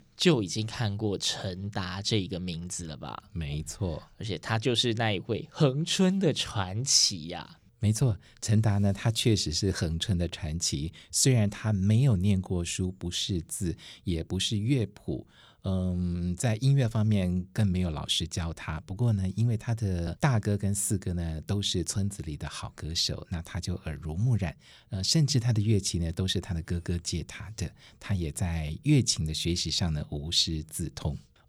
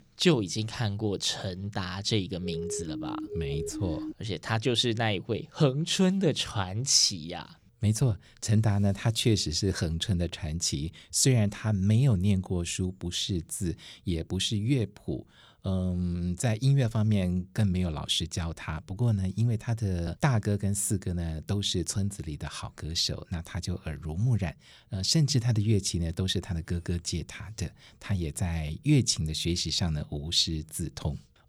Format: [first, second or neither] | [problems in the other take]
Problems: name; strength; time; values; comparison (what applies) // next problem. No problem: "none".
first | siren; noticeable; from 2.5 to 4 s; peak 7 dB below the speech